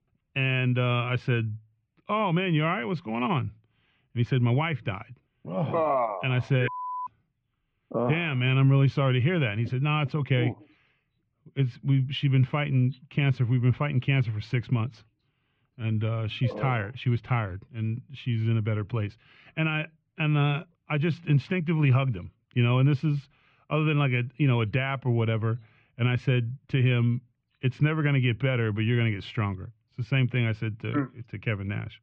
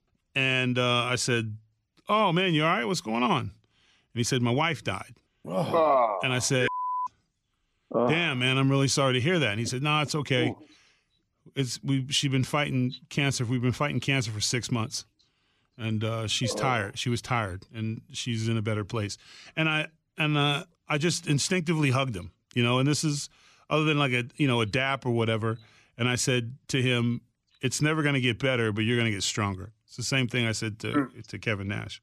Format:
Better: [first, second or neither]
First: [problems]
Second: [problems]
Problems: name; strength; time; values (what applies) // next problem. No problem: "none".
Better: second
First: muffled; very; fading above 2.5 kHz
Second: none